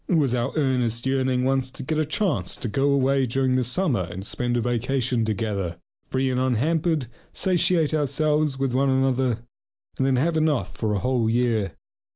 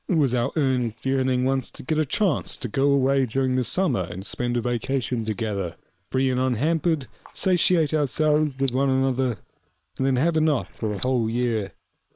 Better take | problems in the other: first | noise reduction (neural separator model SepFormer WHAM!)

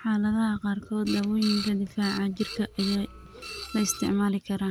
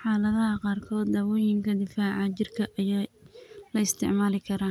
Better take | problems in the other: second | background sound (Printer); 11 dB below the speech

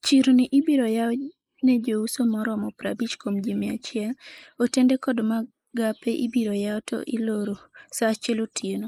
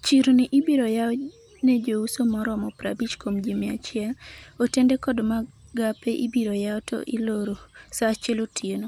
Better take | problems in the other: second | noise reduction (neural mask model Resemble Enhance denoiser)

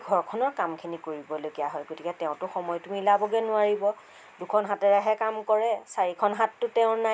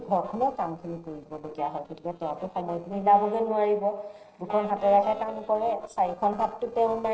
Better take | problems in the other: first | noise reduction (neural separator model SepFormer DNS4)

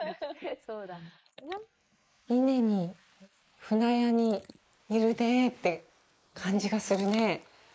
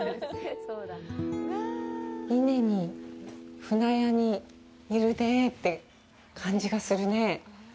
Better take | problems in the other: second | noise reduction (neural mask model Resemble Enhance denoiser)

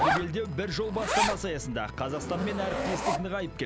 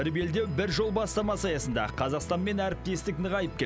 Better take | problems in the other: second | background sound (Zipper (clothing)); as loud as the speech

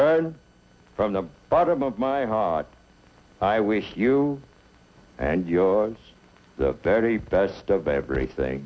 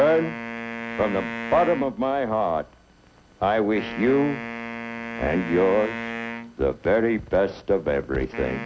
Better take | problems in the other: first | background sound (Wind instrument, woodwind instrument); 10 dB below the speech

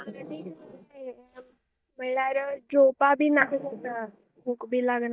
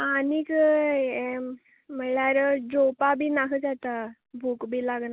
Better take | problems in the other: second | noise reduction (neural mask model DeepFilterNet 3)

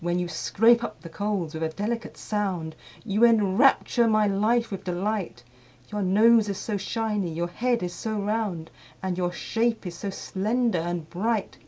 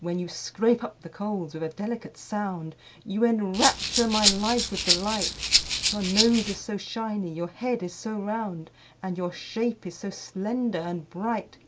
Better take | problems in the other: first | background sound (Rattle (instrument)); 2 dB above the speech

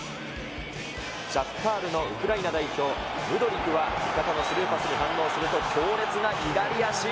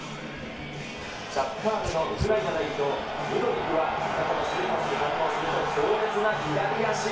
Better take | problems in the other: first | background sound (Dog); 17 dB below the speech // room echo; dies away in 0.4 s

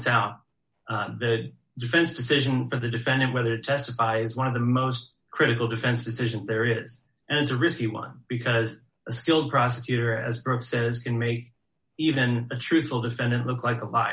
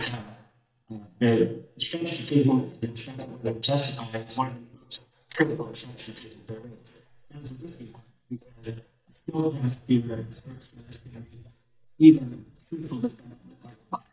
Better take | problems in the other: first | noise reduction (neural mask model DeepFilterNet 3)

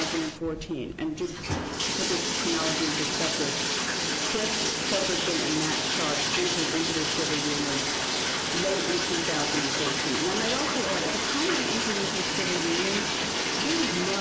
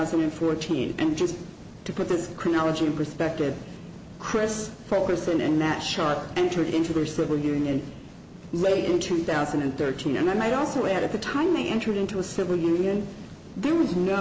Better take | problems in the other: second | background sound (Bathtub (filling or washing)); 3 dB above the speech

